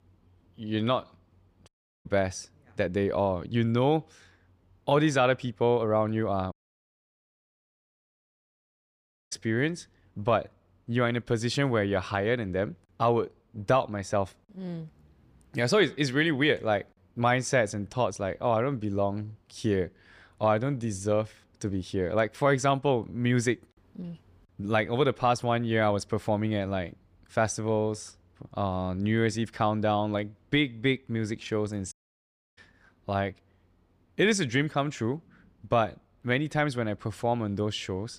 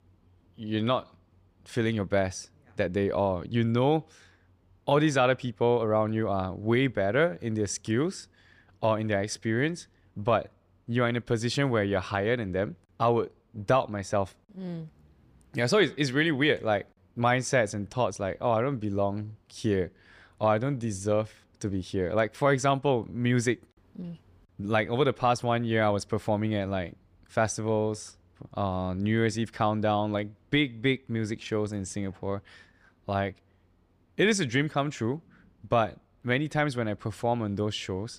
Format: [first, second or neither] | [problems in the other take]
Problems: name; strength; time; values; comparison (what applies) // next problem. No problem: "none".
second | audio cutting out; at 1.5 s, at 6.5 s for 3 s and at 32 s for 0.5 s